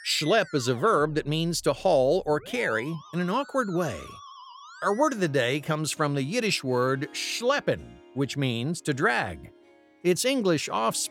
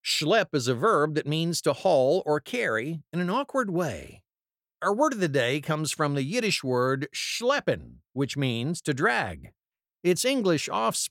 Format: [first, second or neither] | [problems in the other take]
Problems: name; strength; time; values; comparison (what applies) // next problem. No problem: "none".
second | background music; faint; throughout; 20 dB below the speech